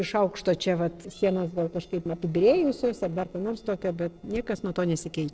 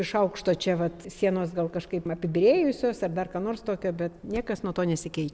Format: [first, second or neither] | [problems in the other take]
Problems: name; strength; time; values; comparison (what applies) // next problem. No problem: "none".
second | noise reduction (neural separator model SepFormer DNS4)